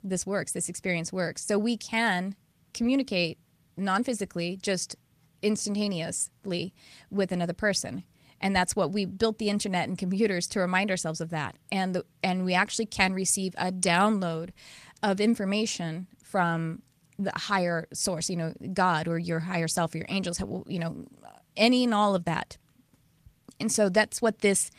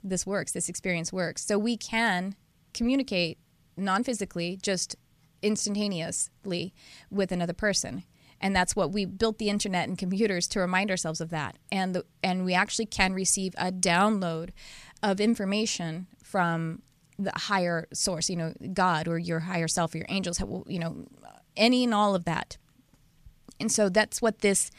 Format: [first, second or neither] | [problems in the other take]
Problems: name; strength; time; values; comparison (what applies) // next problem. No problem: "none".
second | garbled, watery; slightly